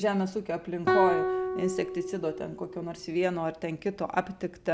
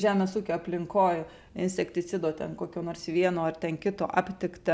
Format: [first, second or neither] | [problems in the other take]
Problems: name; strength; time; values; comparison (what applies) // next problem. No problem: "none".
second | background sound (Guitar); 2 dB below the speech